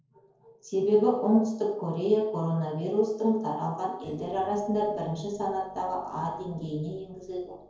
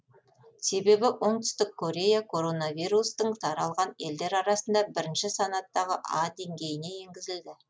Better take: second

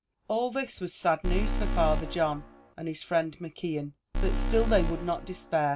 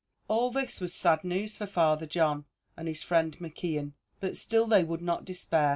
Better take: second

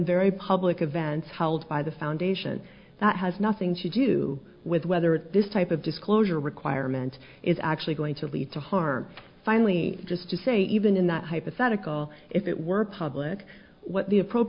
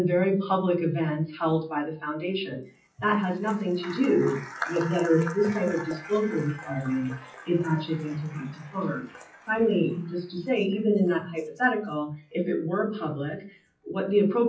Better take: first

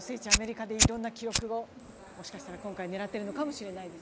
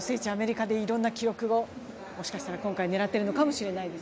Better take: second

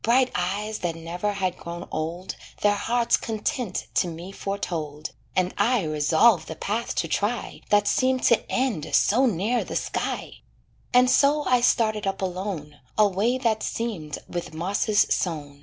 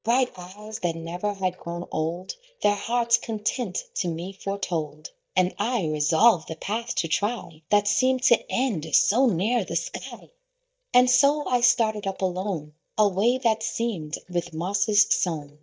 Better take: first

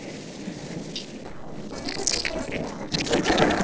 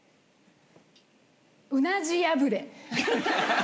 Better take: second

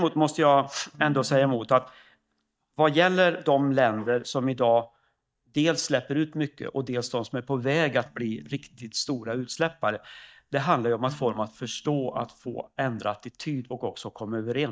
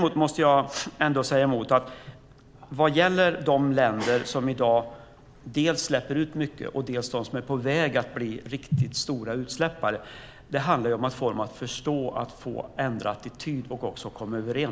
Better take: second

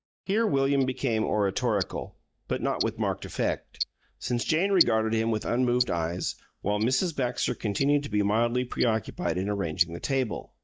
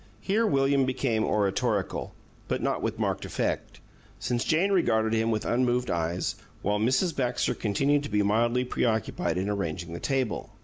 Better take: second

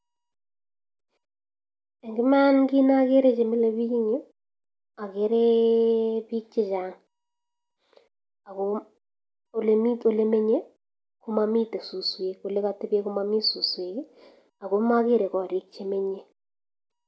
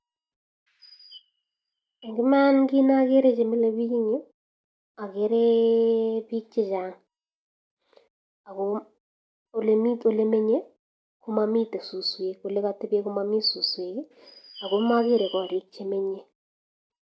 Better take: first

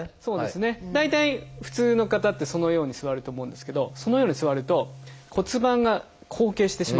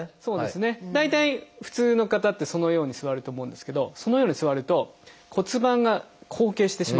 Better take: second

